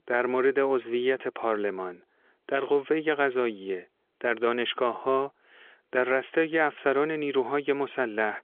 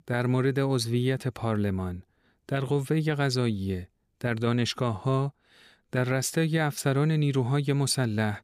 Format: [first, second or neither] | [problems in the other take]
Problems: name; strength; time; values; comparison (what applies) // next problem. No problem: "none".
second | phone-call audio; nothing above 3.5 kHz